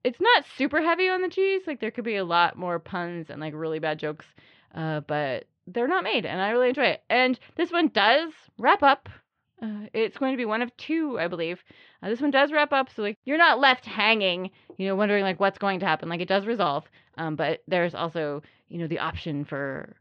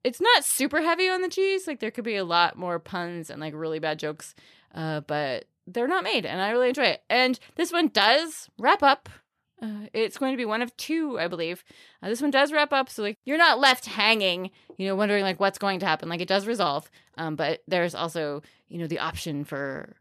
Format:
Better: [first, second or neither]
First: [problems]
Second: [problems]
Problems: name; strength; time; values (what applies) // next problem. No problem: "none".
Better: second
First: muffled; slightly; fading above 3.5 kHz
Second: none